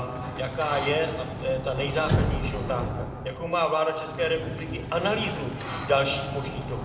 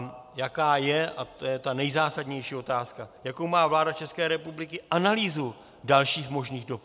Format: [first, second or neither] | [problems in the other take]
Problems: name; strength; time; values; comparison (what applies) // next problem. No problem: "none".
second | background sound (Sliding door); 4 dB below the speech // room echo; dies away in 1.5 s